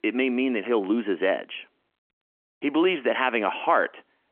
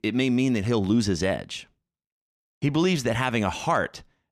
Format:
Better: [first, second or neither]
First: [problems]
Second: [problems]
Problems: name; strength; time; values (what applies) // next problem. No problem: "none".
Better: second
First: phone-call audio; nothing above 3 kHz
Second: none